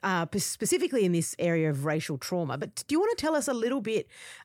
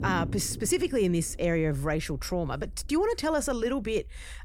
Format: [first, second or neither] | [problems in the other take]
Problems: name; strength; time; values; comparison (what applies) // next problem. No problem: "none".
first | low rumble; noticeable; throughout; 20 dB below the speech